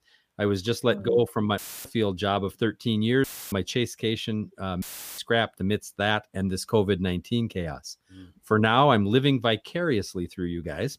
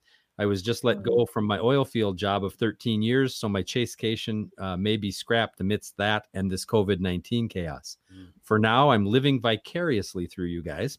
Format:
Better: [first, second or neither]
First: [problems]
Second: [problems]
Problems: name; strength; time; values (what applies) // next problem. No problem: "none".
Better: second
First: audio cutting out; filled with static; at 1.5 s, at 3 s and at 5 s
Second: none